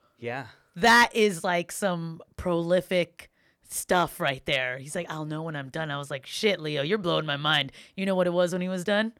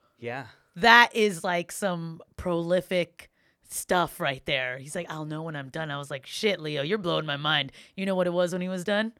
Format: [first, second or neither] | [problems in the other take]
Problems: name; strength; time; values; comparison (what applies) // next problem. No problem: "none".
second | distortion; slight; 0.5% of the sound clipped